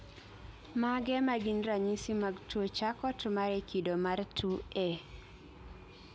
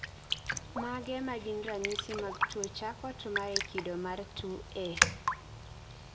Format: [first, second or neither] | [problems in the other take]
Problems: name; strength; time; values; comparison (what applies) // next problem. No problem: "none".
first | background sound (Raindrop); 2 dB above the speech // room echo; dies away in 2.2 s